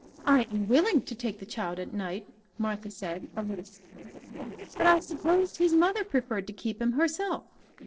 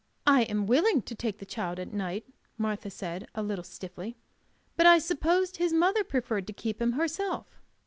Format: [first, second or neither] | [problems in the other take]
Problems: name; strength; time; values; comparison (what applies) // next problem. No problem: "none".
second | noise reduction (neural separator model SepFormer DNS4)